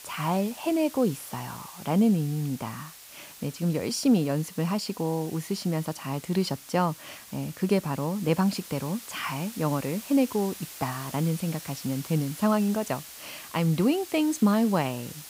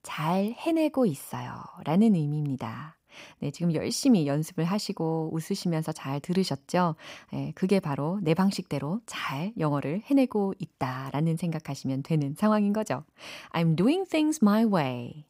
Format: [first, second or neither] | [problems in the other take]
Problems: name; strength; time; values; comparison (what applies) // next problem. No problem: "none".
second | hiss; noticeable; throughout; 15 dB below the speech